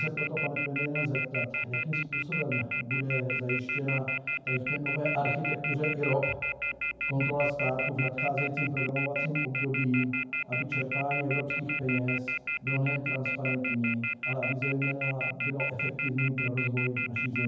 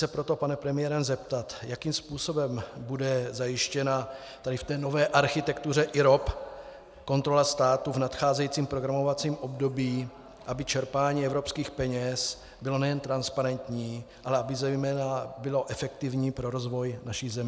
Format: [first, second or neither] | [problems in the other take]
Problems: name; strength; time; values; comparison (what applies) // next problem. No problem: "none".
second | background sound (Telephone); 1 dB below the speech // room echo; dies away in 0.9 s